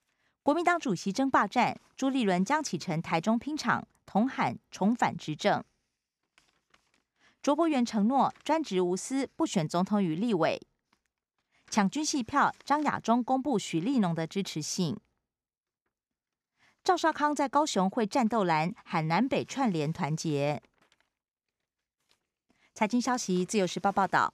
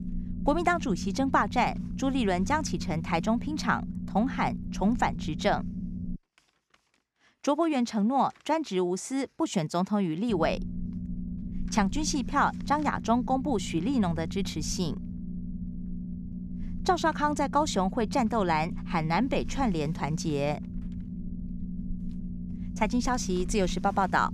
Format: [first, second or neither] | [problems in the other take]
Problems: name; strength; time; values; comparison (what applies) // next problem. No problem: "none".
first | low rumble; noticeable; until 6 s and from 10 s on; 15 dB below the speech